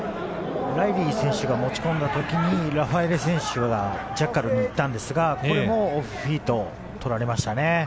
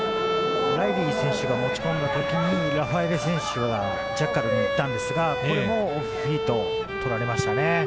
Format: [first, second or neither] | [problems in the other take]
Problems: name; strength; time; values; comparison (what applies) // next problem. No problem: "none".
first | background sound (Bowed string instrument); 2 dB below the speech